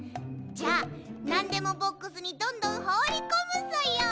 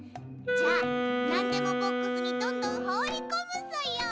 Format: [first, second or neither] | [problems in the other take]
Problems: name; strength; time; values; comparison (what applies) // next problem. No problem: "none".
first | background sound (Wind instrument, woodwind instrument); 4 dB above the speech